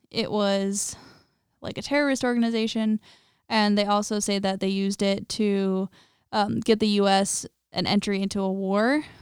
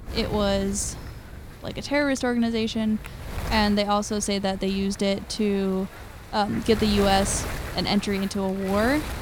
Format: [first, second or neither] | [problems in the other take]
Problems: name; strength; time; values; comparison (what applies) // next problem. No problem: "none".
first | wind noise on the microphone; occasional gusts; 10 dB below the speech